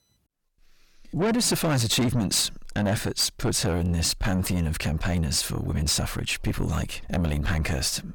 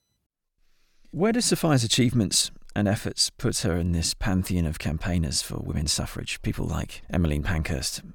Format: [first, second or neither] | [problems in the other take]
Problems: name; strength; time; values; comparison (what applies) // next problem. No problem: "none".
second | distortion; heavy; 7 dB below the speech